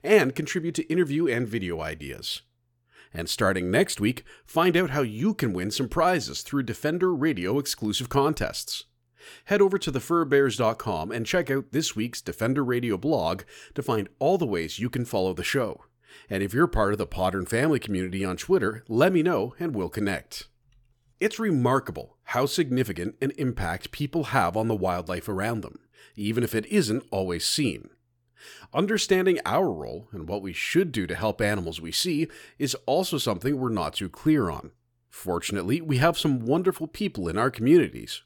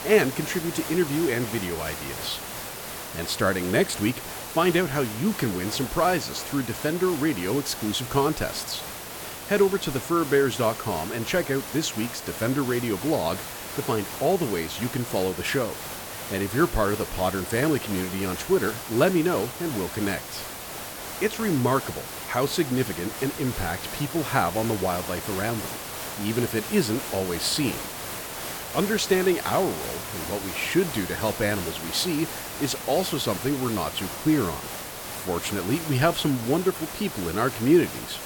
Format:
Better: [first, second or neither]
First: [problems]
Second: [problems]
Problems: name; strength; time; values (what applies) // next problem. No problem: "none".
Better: first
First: none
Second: hiss; loud; throughout; 7 dB below the speech